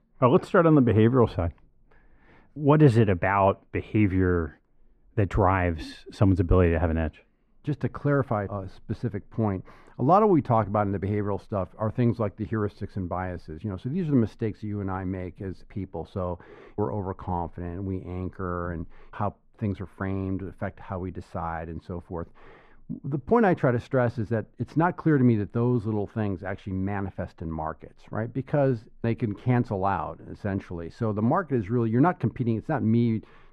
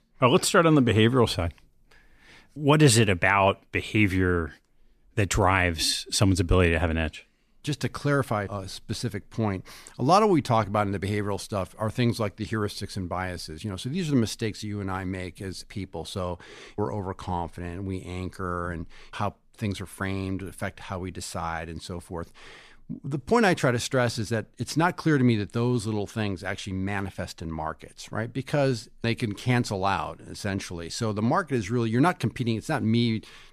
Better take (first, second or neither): second